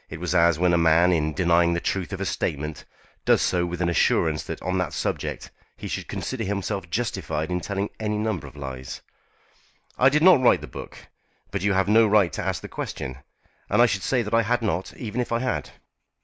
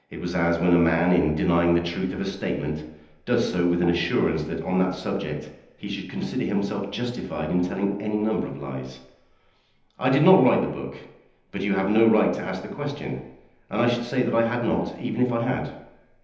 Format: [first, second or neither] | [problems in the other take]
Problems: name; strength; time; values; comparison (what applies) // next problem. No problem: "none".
first | room echo; dies away in 0.9 s